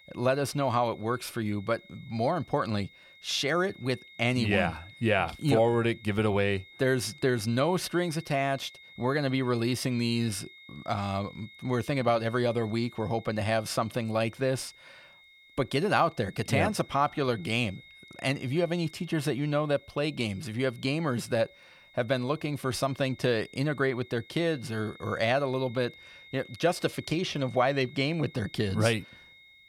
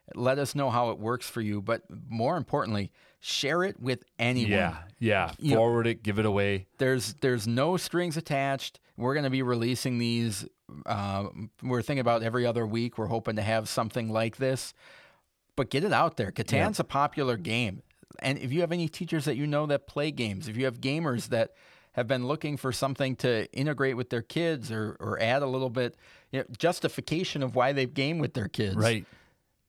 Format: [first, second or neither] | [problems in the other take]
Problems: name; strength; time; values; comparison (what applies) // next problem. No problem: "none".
second | high-pitched whine; faint; throughout; 2 kHz, 20 dB below the speech